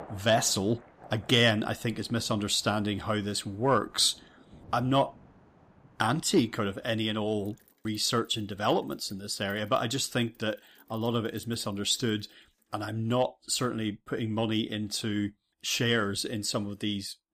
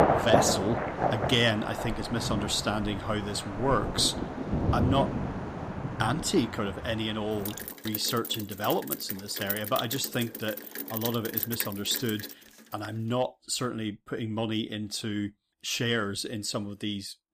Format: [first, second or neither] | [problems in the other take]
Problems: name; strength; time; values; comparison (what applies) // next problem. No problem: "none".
first | rain or running water; loud; until 13 s; 3 dB below the speech; faint in the first